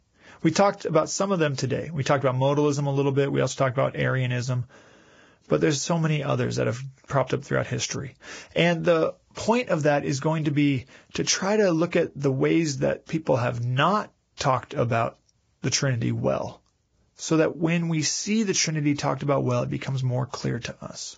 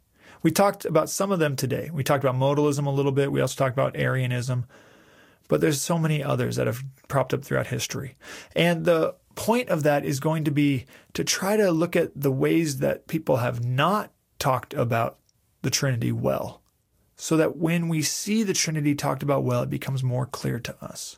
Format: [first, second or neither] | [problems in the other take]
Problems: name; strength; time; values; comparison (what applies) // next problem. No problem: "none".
second | garbled, watery; badly; nothing above 7.5 kHz; slightly in the second